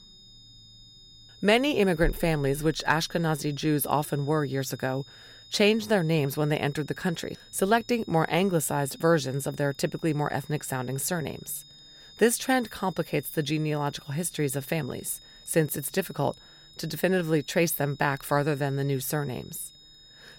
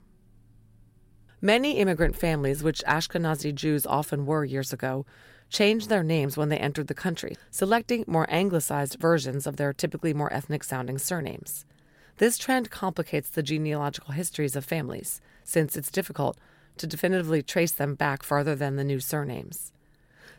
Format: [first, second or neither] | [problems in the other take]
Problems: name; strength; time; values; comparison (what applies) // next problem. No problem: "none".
second | high-pitched whine; faint; throughout; 3.5 kHz, 20 dB below the speech